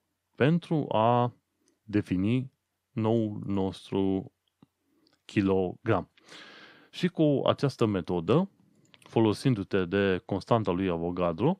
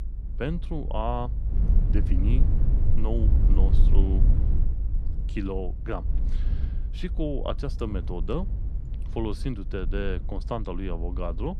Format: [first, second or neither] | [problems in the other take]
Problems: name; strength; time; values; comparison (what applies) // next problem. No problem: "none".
first | low rumble; loud; throughout; 10 dB below the speech